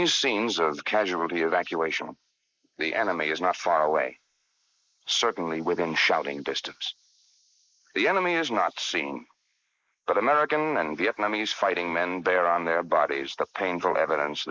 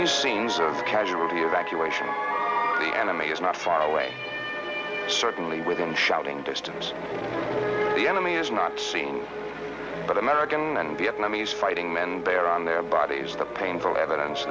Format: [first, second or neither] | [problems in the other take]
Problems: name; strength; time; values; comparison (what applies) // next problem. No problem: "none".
second | noise reduction (neural mask model Resemble Enhance denoiser)